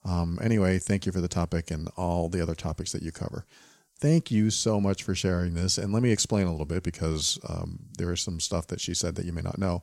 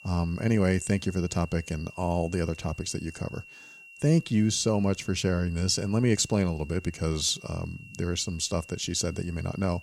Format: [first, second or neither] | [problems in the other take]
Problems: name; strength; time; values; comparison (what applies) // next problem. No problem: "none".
first | high-pitched whine; noticeable; throughout; 2.5 kHz, 20 dB below the speech